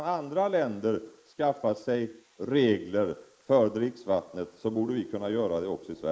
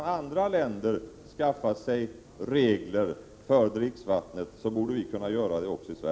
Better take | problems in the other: second | noise reduction (neural mask model Resemble Enhance denoiser)

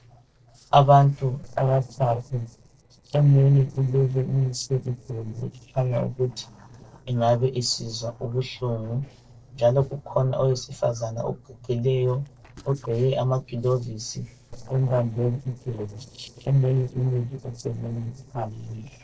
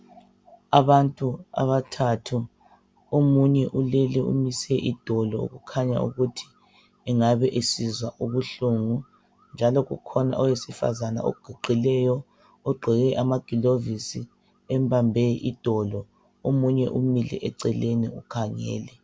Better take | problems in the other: second | noise reduction (neural separator model SepFormer DNS4)

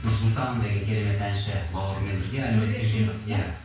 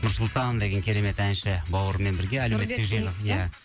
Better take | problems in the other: second | room echo; dies away in 0.5 s

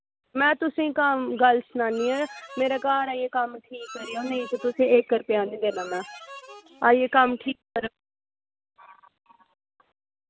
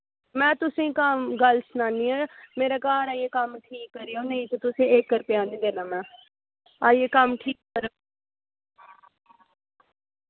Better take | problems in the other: second | background sound (Harmonica); 18 dB below the speech

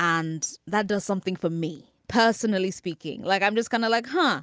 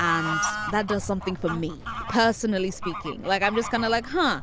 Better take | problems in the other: first | background sound (Bird / Fowl); 7 dB below the speech

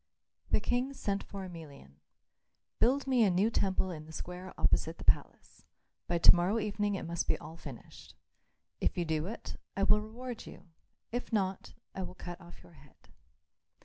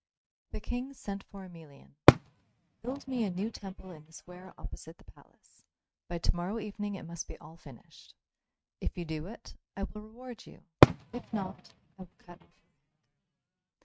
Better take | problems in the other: first | noise reduction (neural mask model RNNoise)

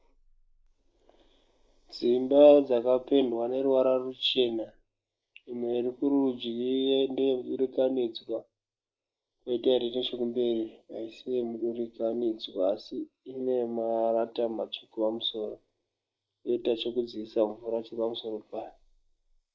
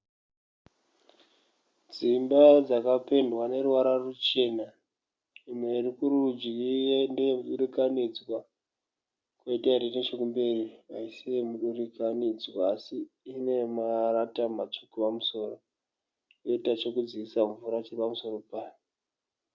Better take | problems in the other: second | noise reduction (neural mask model Resemble Enhance denoiser)

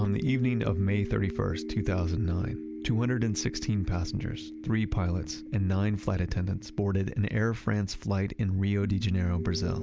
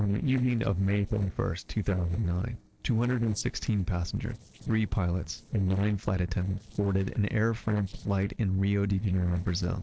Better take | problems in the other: first | noise reduction (neural separator model SepFormer DNS4)

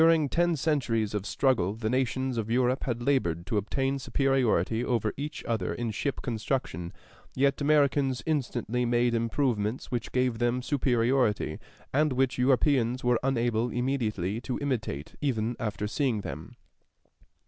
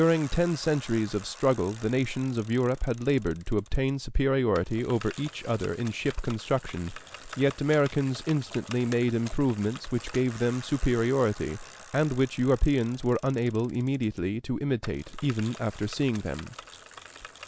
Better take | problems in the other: first | background sound (Bicycle); 19 dB below the speech

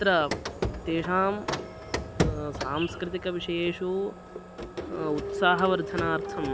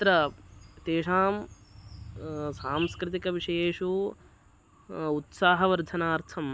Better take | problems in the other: second | background sound (Printer); 5 dB below the speech

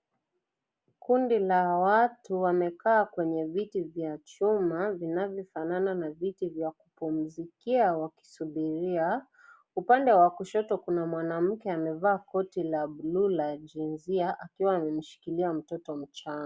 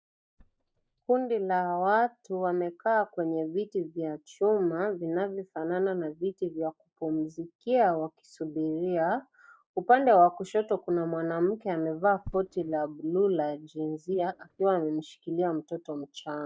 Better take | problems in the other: first | noise reduction (neural mask model DeepFilterNet 3)

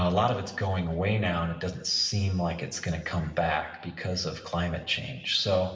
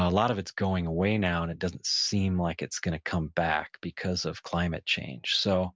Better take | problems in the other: second | room echo; dies away in 1 s

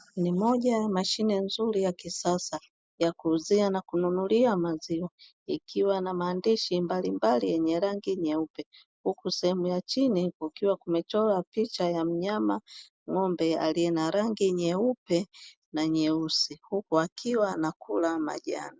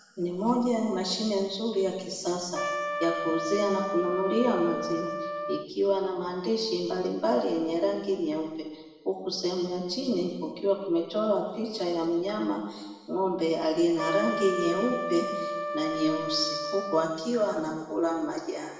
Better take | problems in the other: first | background sound (Trumpet); 5 dB below the speech // room echo; dies away in 1.1 s

